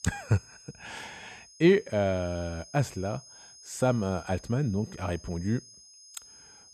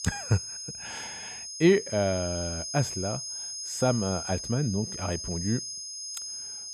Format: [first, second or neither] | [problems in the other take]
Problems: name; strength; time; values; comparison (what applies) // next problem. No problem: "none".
first | high-pitched whine; loud; throughout; 6.5 kHz, 6 dB below the speech; faint in the first